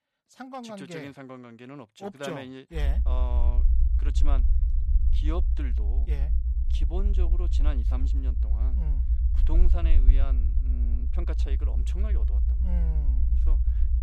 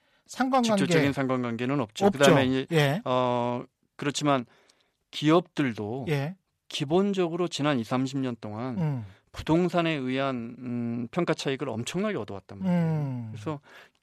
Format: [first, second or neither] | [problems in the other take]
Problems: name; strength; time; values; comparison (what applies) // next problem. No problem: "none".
second | low rumble; loud; from 3 s on; 6 dB below the speech